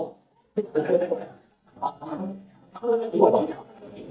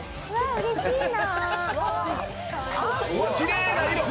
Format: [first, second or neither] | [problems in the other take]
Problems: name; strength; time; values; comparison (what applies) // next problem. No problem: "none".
second | noise reduction (neural mask model DeepFilterNet 3)